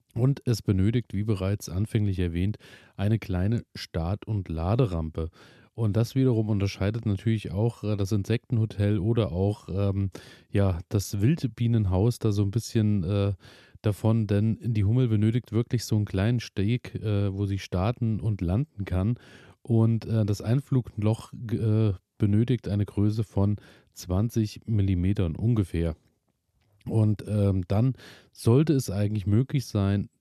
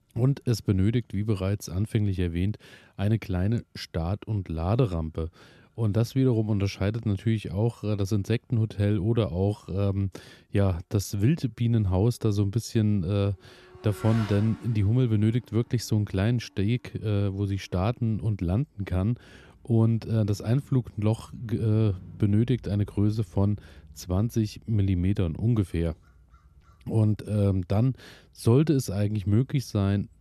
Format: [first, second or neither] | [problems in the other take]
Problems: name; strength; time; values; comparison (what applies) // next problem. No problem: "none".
first | traffic noise; faint; throughout; 25 dB below the speech